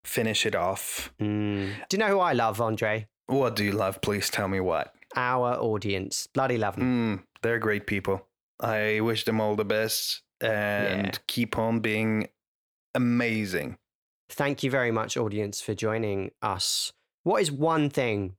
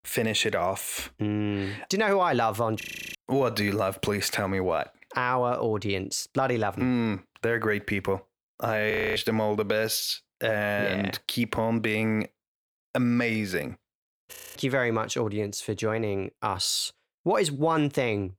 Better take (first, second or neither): first